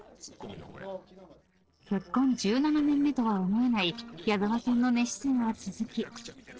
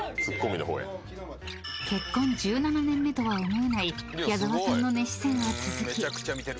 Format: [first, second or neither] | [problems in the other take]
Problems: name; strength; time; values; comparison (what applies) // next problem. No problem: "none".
second | noise reduction (neural separator model SepFormer DNS4)